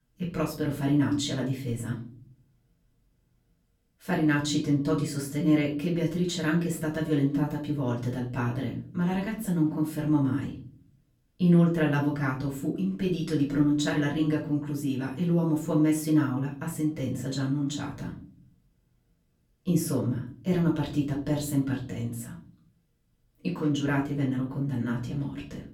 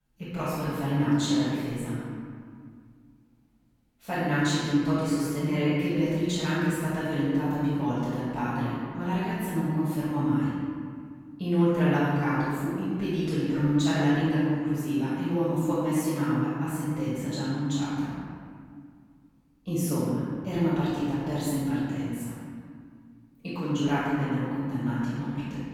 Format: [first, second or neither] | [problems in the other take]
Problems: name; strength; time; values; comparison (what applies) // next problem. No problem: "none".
first | room echo; strong; dies away in 2 s; slight in the first // off-mic speech; far; far in the first